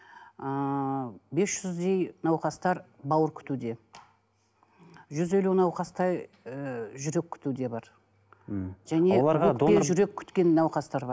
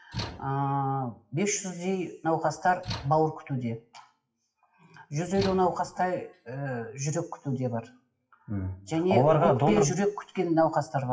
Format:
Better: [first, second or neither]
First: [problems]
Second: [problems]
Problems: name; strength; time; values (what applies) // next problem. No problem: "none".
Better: first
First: none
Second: noise reduction (classical method WPE with log-MMSE)